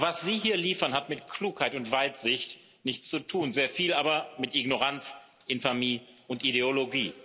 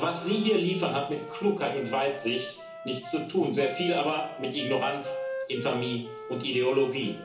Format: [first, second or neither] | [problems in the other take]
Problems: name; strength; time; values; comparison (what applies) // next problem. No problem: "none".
first | background sound (Wind instrument, woodwind instrument); 11 dB below the speech // room echo; dies away in 0.8 s